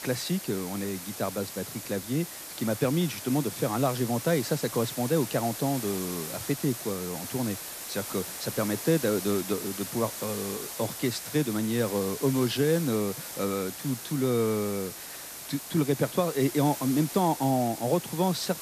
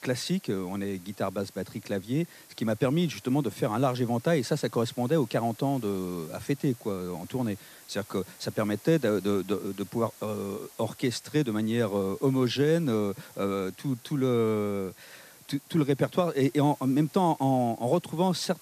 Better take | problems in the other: second | hiss; loud; throughout; 8 dB below the speech; faint in the second

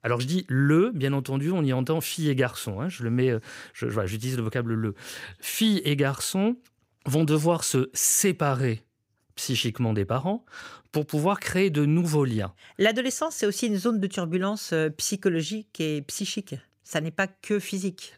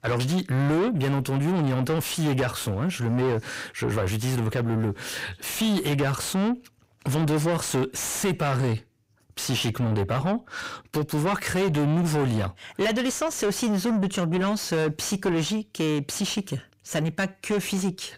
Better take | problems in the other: first | distortion; heavy; 7 dB below the speech

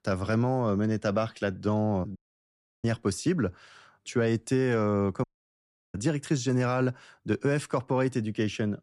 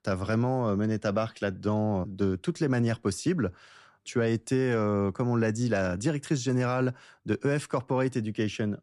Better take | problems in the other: second | audio cutting out; at 2 s for 0.5 s and at 5 s for 0.5 s

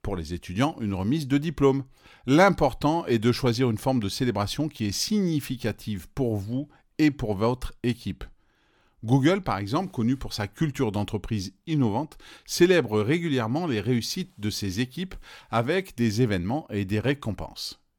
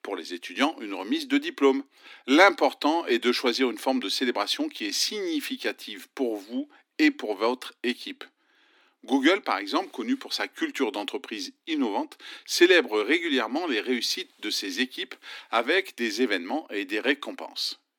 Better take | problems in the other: first | thin; very slightly; fading below 250 Hz

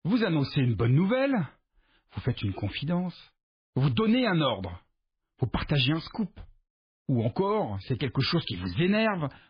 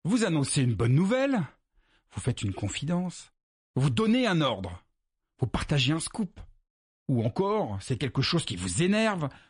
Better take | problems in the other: second | garbled, watery; badly; nothing above 5 kHz; slightly in the second

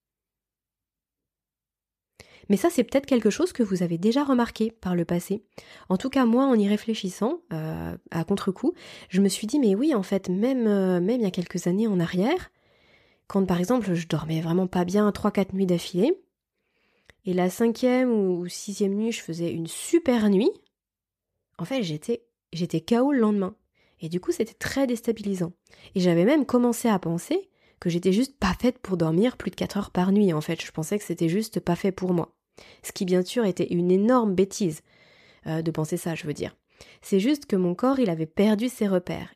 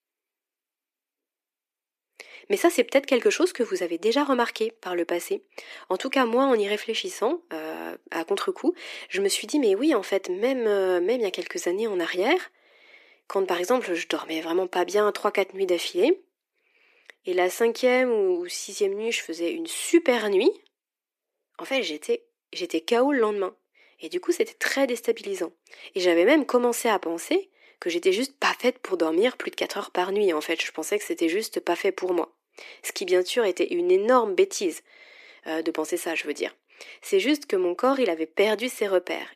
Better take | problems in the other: first | thin; somewhat; fading below 300 Hz

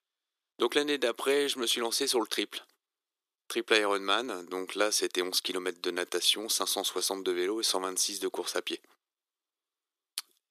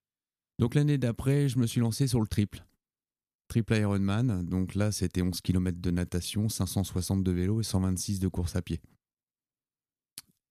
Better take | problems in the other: second | thin; very; fading below 350 Hz

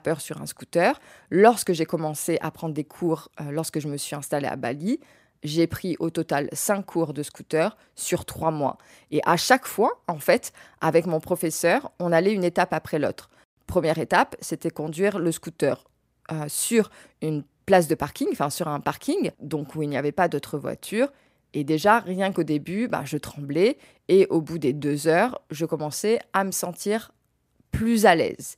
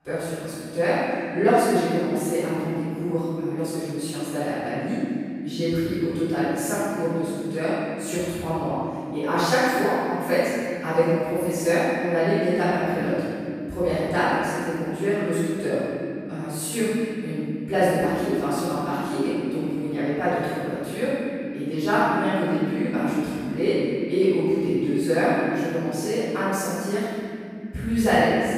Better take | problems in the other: first | off-mic speech; far // room echo; strong; dies away in 2.6 s

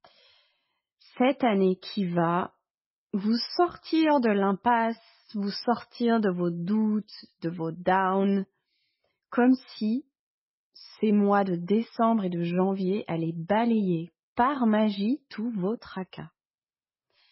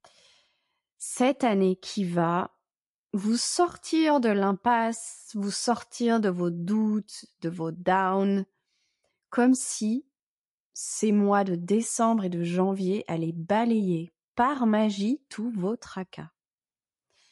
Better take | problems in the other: second | garbled, watery; badly; nothing above 5.5 kHz; slightly in the second

